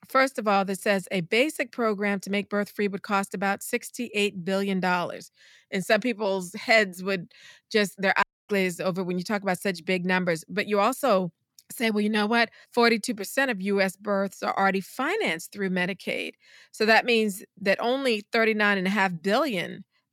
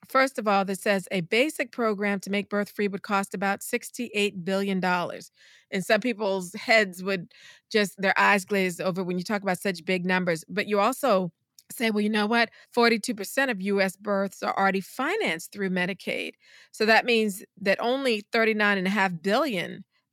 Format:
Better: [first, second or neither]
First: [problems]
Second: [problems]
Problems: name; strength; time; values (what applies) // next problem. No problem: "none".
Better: second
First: audio cutting out; at 8 s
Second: none